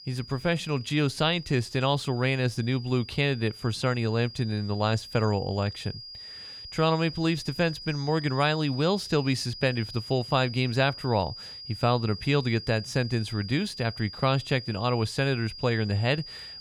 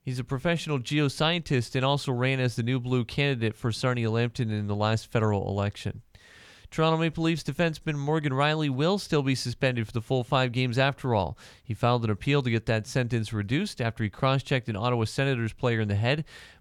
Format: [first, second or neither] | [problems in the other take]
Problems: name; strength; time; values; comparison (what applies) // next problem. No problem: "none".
second | high-pitched whine; noticeable; throughout; 5 kHz, 15 dB below the speech